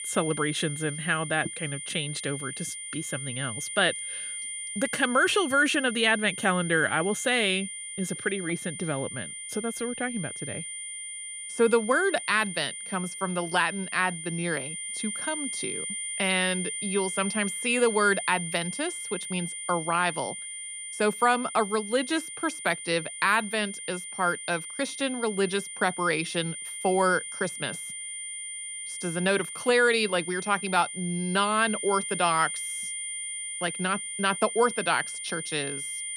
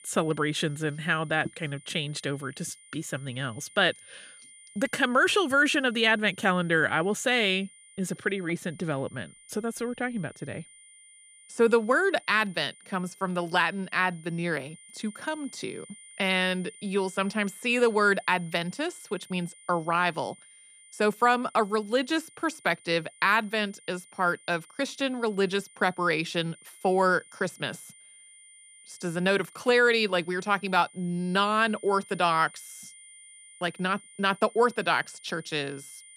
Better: second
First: high-pitched whine; loud; throughout; 9 kHz, 6 dB below the speech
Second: high-pitched whine; faint; throughout; 9 kHz, 25 dB below the speech

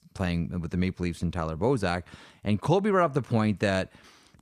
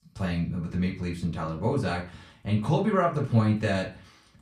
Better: first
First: none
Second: off-mic speech; far // room echo; very slight; dies away in 0.3 s

